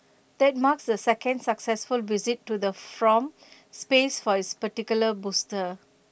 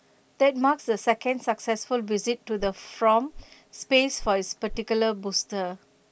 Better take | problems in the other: first | background sound (Walk, footsteps); 18 dB below the speech

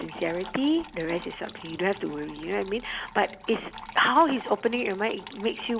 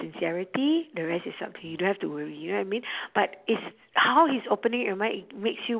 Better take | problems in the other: second | background sound (Trickle, dribble / Water tap, faucet); 17 dB below the speech

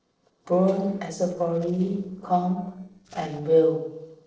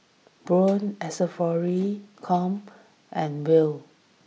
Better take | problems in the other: second | noise reduction (neural separator model SepFormer DNS4)

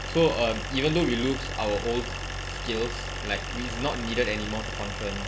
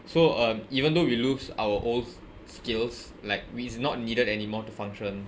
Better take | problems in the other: second | background sound (Idling); 5 dB below the speech

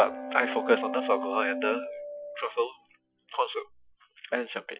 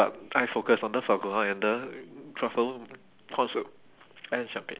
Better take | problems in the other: second | noise reduction (classical method Wiener filter)

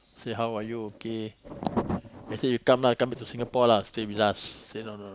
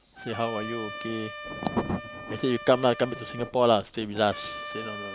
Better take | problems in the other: first | background sound (Trumpet); 12 dB below the speech

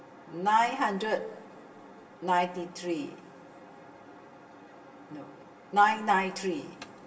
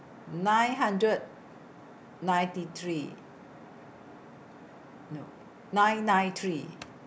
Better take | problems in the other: second | room echo; dies away in 2.9 s

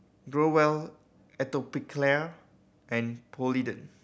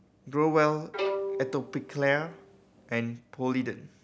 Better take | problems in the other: first | background sound (Bowed string instrument); 6 dB below the speech

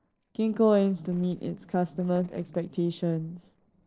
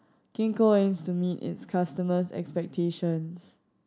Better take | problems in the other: second | noise reduction (neural separator model SepFormer DNS4)

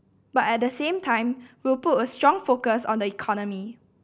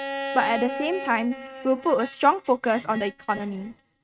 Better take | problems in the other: first | noise reduction (neural mask model RNNoise)

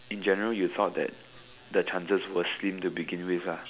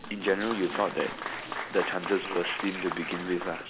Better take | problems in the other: first | background sound (Applause); 6 dB below the speech

